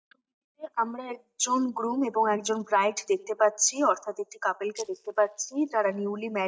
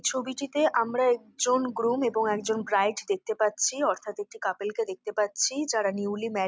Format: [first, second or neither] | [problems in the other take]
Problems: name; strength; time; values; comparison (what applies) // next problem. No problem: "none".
second | noise reduction (neural mask model DeepFilterNet 3)